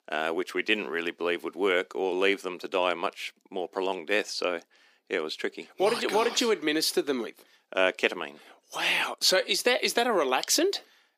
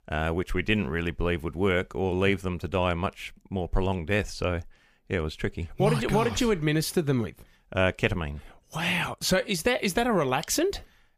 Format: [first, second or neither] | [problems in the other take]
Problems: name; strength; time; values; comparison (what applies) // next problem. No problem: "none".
second | thin; somewhat; fading below 300 Hz